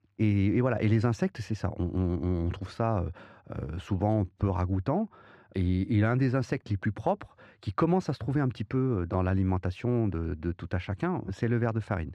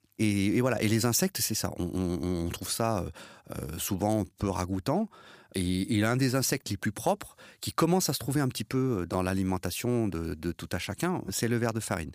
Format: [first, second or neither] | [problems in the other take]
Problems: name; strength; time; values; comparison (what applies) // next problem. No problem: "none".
second | muffled; very; fading above 2 kHz